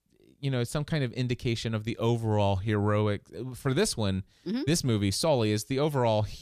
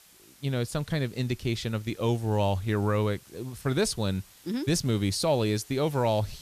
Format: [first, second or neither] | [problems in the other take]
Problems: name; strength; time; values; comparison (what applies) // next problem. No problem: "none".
first | hiss; faint; throughout; 25 dB below the speech